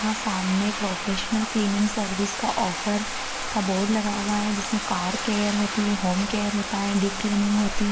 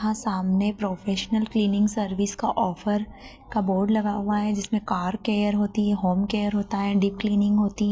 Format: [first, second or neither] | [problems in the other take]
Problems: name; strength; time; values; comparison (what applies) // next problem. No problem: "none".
second | background sound (Bathtub (filling or washing)); 5 dB below the speech